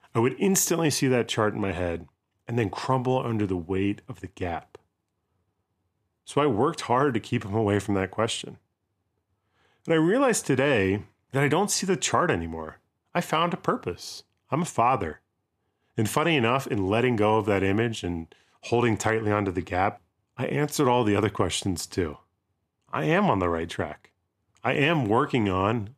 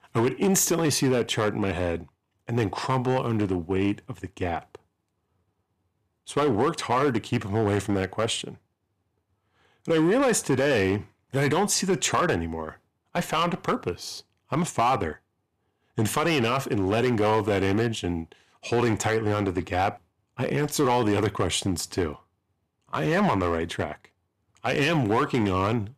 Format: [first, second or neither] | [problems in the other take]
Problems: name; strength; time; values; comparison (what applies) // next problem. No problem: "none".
first | distortion; slight; 5% of the sound clipped